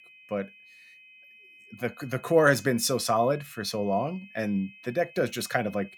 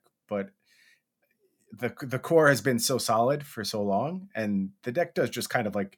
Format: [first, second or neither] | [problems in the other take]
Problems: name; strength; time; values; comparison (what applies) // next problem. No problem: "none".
second | high-pitched whine; faint; throughout; 2.5 kHz, 20 dB below the speech